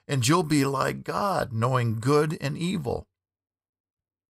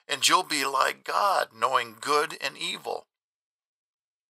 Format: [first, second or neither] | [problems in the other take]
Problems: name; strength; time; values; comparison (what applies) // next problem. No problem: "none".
first | thin; very; fading below 800 Hz